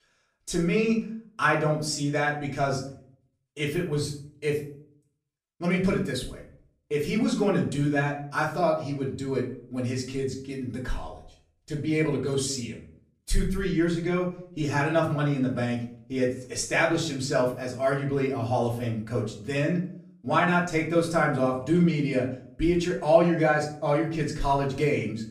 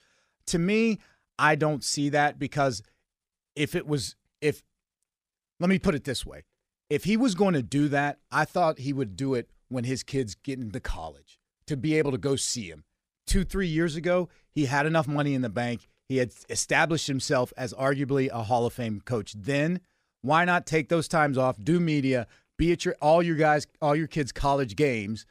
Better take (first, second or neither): second